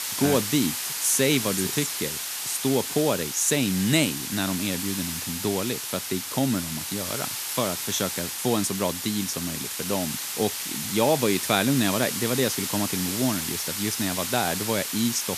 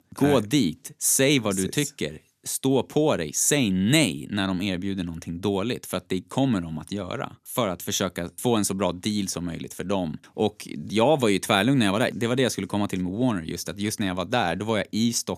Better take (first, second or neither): second